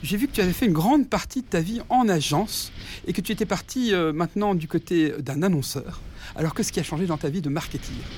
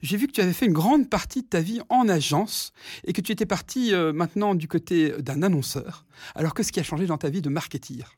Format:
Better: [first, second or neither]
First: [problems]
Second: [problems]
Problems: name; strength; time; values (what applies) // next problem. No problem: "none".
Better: second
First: wind noise on the microphone; occasional gusts; 20 dB below the speech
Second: none